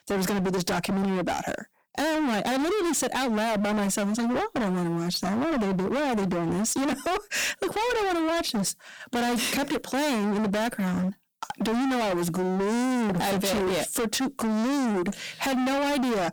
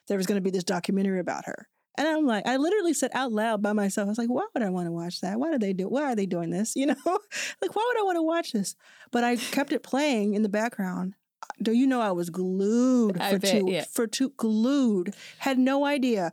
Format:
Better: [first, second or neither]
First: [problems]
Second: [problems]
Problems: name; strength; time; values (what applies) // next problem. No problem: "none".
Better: second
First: distortion; heavy; 49% of the sound clipped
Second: none